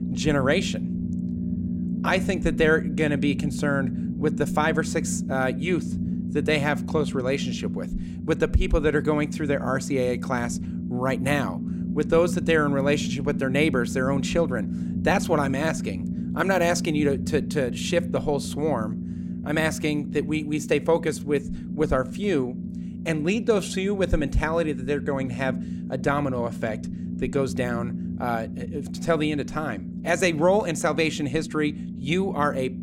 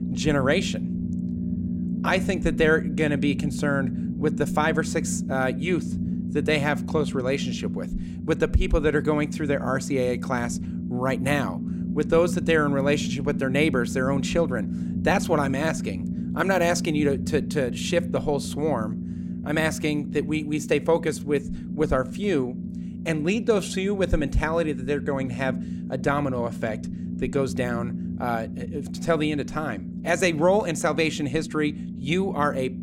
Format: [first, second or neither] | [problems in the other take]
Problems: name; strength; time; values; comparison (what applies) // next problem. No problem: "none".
neither | low rumble; noticeable; throughout; 10 dB below the speech; the same in both